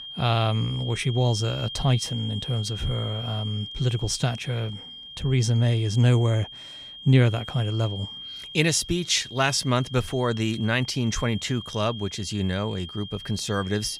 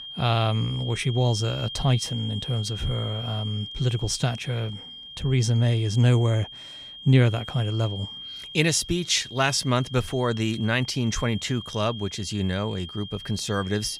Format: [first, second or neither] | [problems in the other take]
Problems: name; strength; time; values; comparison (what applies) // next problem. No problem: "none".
neither | high-pitched whine; noticeable; throughout; 3 kHz, 10 dB below the speech; the same in both